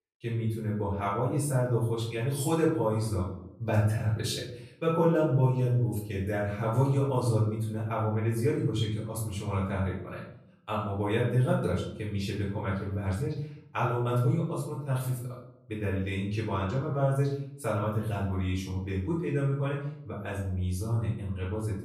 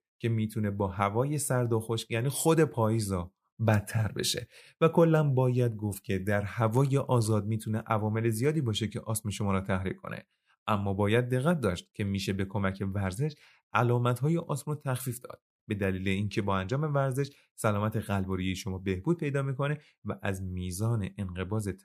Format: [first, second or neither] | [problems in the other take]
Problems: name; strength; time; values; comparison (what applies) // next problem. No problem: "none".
second | off-mic speech; far // room echo; noticeable; dies away in 0.6 s